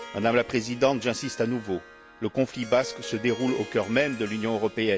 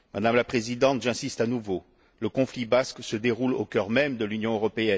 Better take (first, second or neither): second